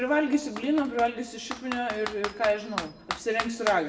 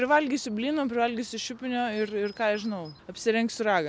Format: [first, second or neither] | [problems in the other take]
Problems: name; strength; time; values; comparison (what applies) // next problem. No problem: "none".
second | background sound (Computer keyboard); 10 dB below the speech // room echo; dies away in 0.7 s